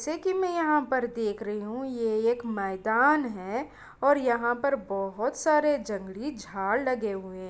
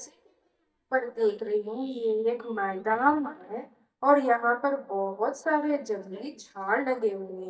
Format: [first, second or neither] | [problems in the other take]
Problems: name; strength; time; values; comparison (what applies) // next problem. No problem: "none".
first | noise reduction (neural mask model DeepFilterNet 3)